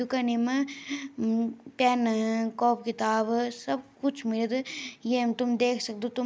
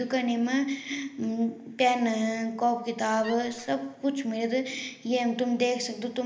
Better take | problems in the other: first | background sound (Wood); 17 dB below the speech // room echo; dies away in 0.8 s

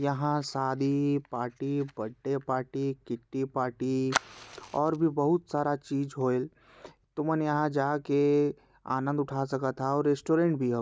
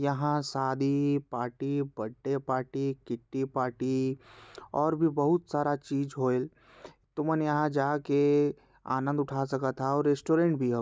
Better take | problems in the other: second | background sound (Fire); 17 dB below the speech

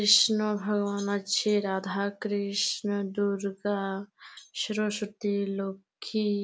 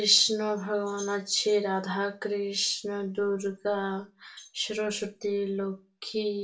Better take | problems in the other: first | room echo; dies away in 0.2 s

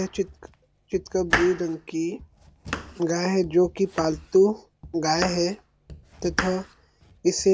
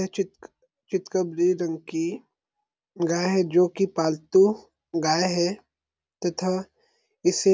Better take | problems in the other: second | background sound (Domestic sounds, home sounds); 10 dB below the speech

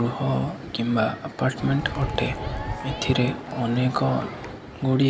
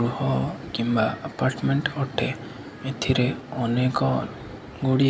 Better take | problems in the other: second | background sound (Crowd); 9 dB below the speech

